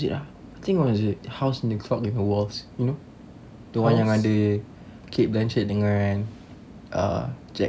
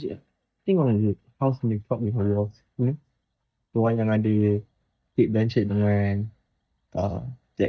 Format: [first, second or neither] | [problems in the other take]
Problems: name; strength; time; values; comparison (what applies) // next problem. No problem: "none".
first | noise reduction (neural mask model DeepFilterNet 3)